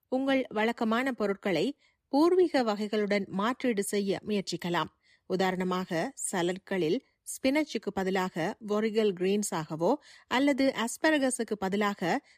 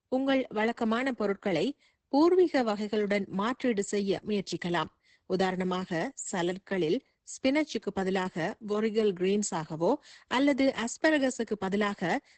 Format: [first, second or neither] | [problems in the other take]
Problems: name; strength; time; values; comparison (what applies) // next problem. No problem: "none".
first | garbled, watery; badly; nothing above 8 kHz